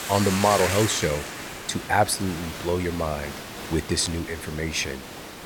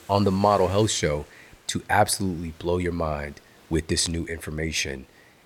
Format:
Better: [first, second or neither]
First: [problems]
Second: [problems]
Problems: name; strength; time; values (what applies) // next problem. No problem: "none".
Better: second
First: hiss; loud; throughout; 7 dB below the speech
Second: hiss; faint; throughout; 25 dB below the speech